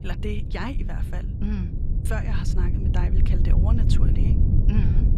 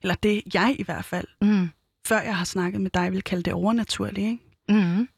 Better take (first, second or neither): second